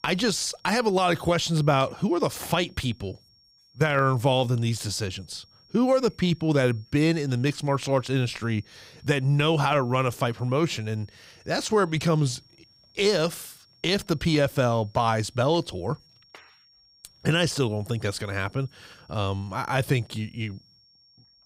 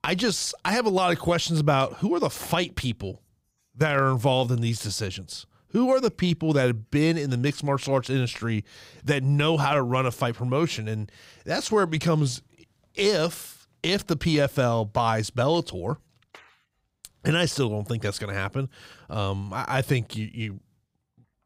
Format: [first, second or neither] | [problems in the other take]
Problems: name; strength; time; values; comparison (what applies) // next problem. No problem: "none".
second | high-pitched whine; faint; throughout; 5.5 kHz, 30 dB below the speech